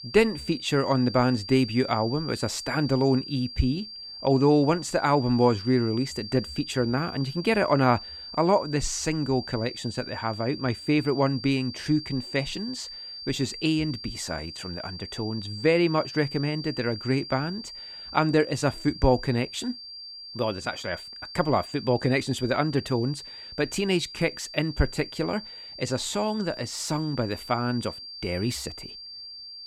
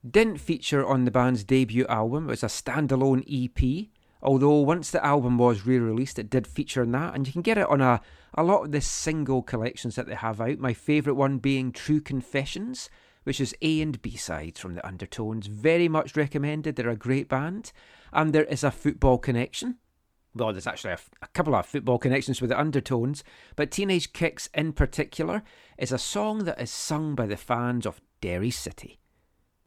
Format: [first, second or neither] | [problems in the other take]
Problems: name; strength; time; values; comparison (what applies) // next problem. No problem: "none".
second | high-pitched whine; noticeable; throughout; 4.5 kHz, 10 dB below the speech